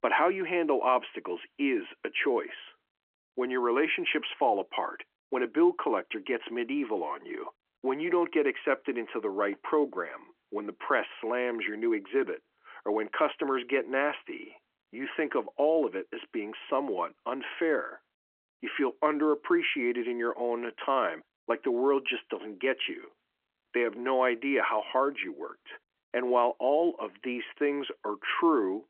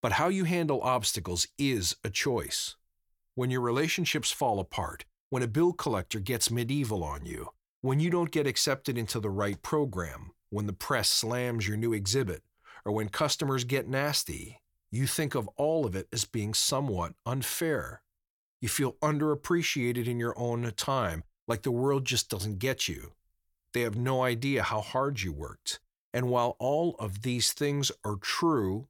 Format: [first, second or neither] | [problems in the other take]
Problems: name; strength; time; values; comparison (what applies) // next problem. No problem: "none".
second | phone-call audio